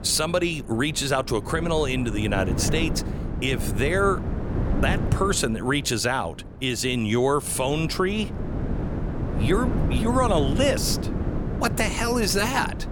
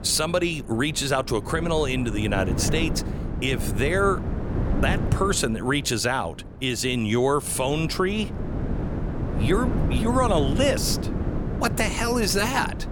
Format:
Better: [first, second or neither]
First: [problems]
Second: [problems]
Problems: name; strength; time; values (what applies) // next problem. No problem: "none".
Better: neither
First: wind noise on the microphone; occasional gusts; 10 dB below the speech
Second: wind noise on the microphone; occasional gusts; 10 dB below the speech